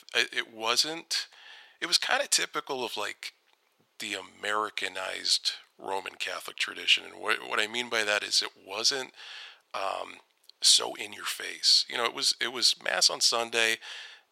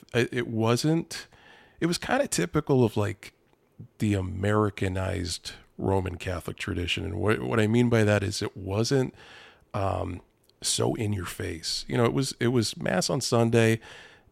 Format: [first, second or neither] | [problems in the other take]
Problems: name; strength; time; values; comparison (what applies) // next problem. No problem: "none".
second | thin; very; fading below 850 Hz